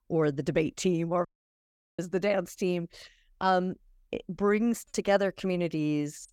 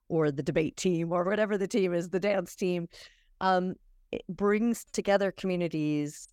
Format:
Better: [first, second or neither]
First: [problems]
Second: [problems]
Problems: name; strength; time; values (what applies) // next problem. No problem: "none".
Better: second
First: audio cutting out; at 1.5 s for 0.5 s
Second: none